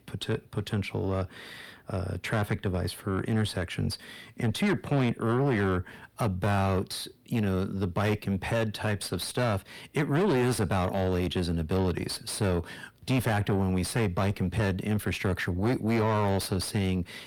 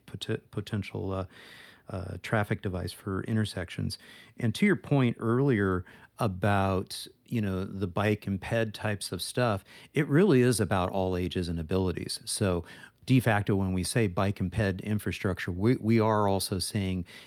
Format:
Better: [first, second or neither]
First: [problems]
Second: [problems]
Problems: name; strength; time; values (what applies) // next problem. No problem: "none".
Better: second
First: distortion; heavy; 8 dB below the speech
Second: none